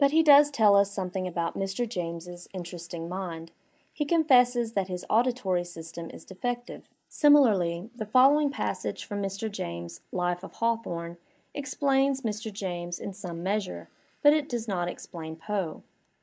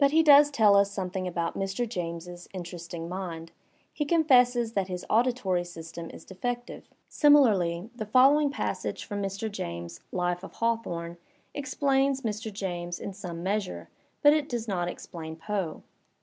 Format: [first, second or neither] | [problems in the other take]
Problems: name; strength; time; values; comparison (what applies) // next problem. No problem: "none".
second | noise reduction (neural mask model Resemble Enhance denoiser)